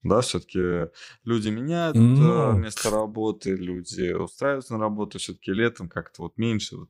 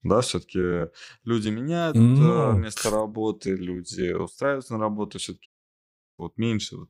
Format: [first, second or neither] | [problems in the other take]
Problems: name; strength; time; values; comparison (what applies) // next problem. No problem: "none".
first | audio cutting out; at 5.5 s for 0.5 s